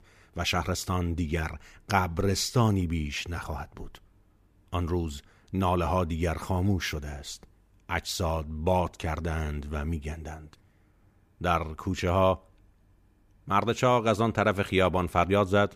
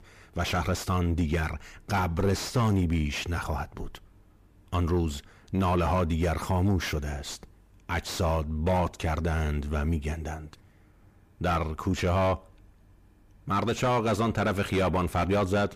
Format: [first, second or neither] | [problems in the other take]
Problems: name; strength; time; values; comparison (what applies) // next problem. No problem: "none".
first | distortion; heavy; 7 dB below the speech